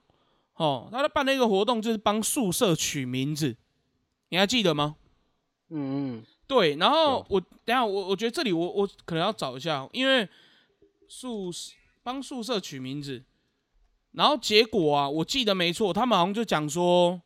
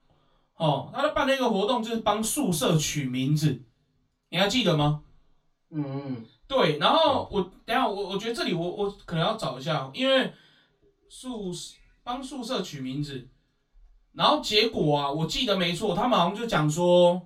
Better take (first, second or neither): first